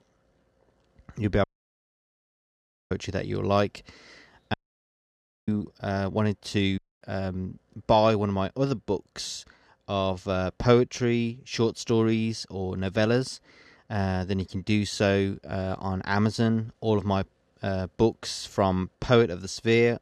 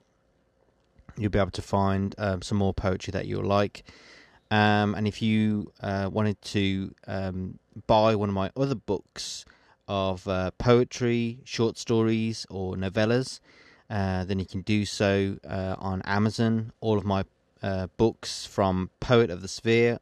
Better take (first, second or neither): second